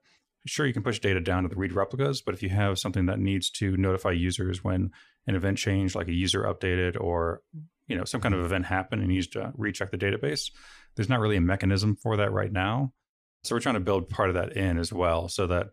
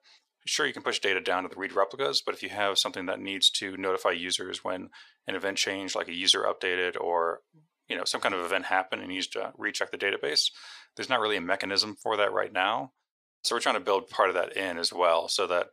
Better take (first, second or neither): first